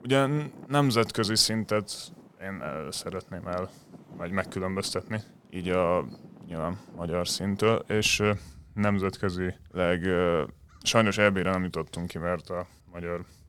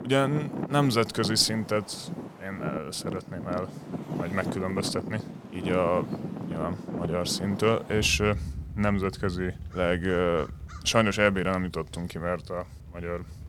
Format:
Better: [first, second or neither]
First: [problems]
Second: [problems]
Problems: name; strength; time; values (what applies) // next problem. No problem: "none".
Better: first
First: traffic noise; faint; throughout; 25 dB below the speech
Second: traffic noise; loud; throughout; 9 dB below the speech